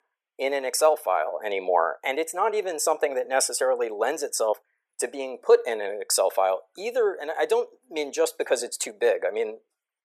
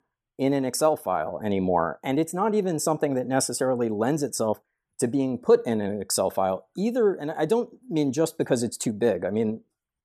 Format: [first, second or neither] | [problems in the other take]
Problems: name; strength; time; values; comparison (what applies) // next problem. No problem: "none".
second | thin; very; fading below 500 Hz